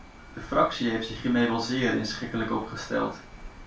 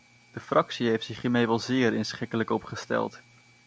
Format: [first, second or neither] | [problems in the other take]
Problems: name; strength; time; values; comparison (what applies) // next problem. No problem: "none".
second | background sound (Gull, seagull / Ocean); 17 dB below the speech // room echo; dies away in 0.3 s